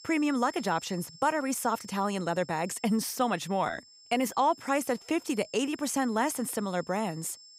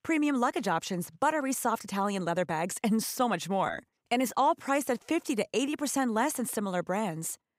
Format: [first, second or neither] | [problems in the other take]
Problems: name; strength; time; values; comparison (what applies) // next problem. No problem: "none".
second | high-pitched whine; noticeable; throughout; 5.5 kHz, 20 dB below the speech